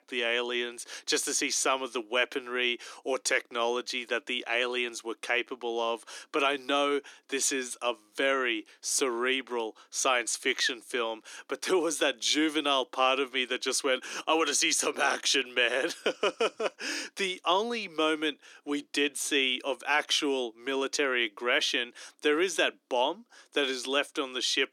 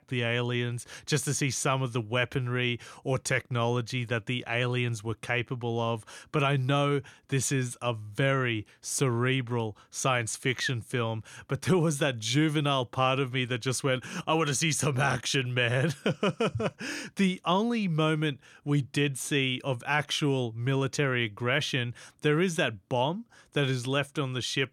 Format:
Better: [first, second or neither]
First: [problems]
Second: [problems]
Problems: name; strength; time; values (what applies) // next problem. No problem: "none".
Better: second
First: thin; somewhat; fading below 300 Hz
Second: none